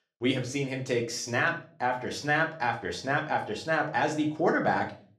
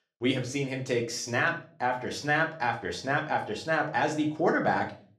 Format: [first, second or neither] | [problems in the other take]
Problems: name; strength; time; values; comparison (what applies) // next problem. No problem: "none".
neither | room echo; very slight; dies away in 0.4 s; the same in both // off-mic speech; somewhat distant; the same in both